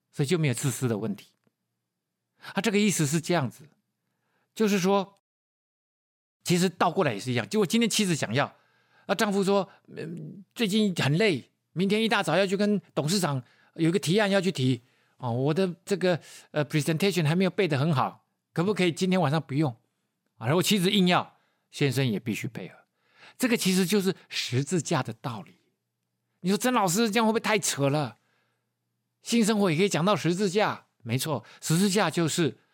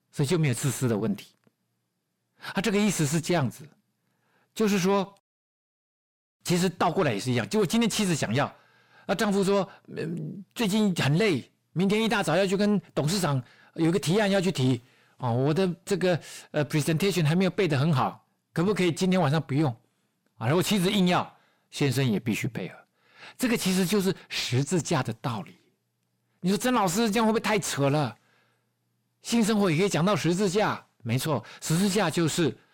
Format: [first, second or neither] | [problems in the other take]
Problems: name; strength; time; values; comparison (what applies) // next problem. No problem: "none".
first | distortion; slight; 10 dB below the speech